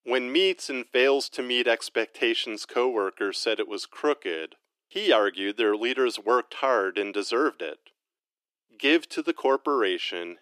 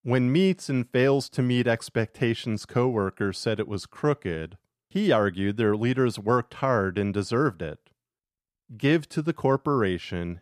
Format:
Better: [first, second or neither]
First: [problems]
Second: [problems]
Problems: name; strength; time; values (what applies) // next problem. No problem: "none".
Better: second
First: thin; somewhat; fading below 300 Hz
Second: none